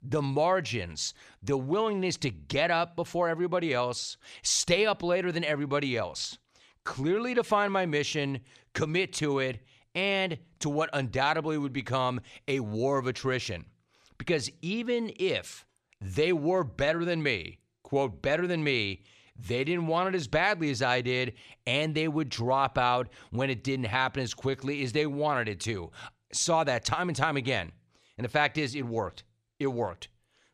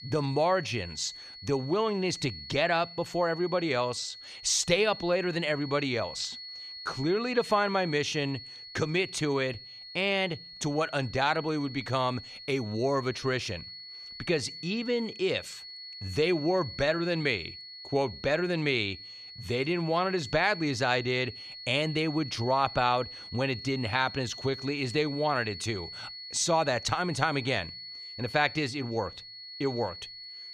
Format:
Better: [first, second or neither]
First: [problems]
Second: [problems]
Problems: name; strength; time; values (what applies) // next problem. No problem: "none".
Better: first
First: none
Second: high-pitched whine; noticeable; throughout; 4.5 kHz, 10 dB below the speech